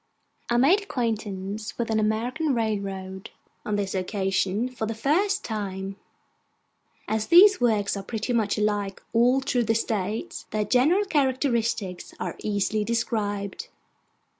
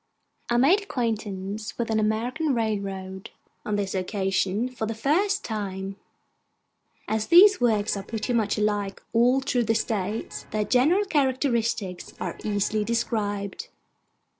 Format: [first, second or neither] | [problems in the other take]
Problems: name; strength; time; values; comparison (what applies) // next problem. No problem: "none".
first | noise reduction (neural separator model SepFormer DNS4)